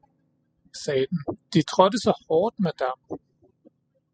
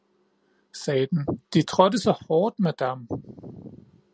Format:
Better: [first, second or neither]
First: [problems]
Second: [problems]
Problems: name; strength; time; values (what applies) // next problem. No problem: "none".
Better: second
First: noise reduction (classical method spectral subtraction)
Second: none